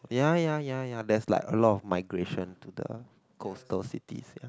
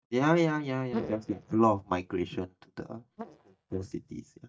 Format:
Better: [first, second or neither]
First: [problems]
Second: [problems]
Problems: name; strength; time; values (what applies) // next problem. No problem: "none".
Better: first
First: none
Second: noise reduction (neural mask model DeepFilterNet 3)